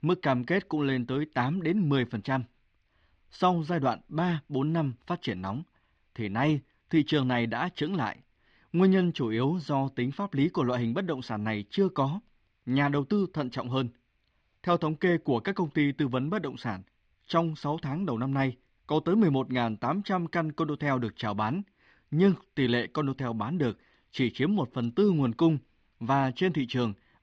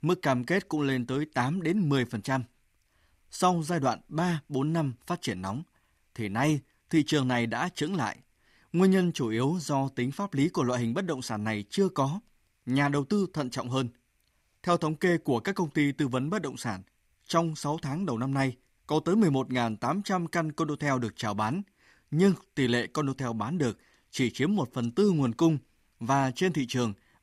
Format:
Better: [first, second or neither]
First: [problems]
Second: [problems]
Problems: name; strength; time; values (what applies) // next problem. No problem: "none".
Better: second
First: muffled; slightly; fading above 4 kHz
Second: none